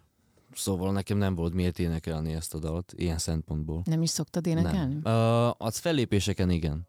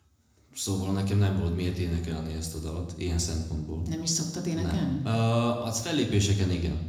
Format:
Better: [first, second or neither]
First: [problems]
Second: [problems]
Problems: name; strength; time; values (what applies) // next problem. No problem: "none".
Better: first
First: none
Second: room echo; slight; dies away in 0.9 s